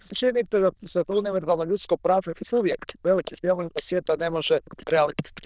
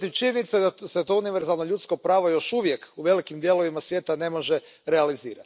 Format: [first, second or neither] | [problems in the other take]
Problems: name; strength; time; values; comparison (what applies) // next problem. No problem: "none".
second | noise reduction (neural diffusion model UNIVERSE++)